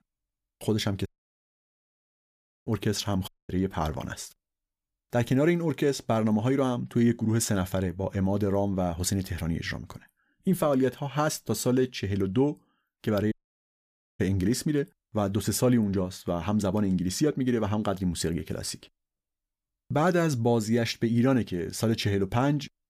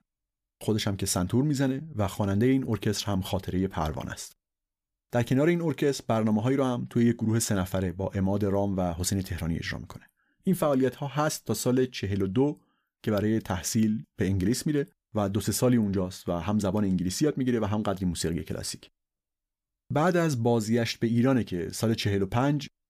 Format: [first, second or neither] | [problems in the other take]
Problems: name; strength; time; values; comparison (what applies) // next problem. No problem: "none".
second | audio cutting out; at 1 s for 1.5 s, at 3.5 s and at 13 s for 1 s